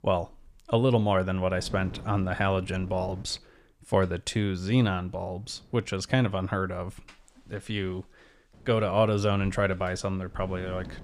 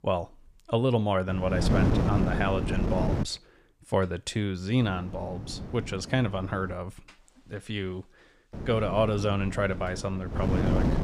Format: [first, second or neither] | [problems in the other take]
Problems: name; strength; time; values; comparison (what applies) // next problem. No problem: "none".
first | wind noise on the microphone; heavy; from 1.5 to 3 s, from 5 to 6.5 s and from 8.5 s on; 6 dB below the speech; occasional gusts in the first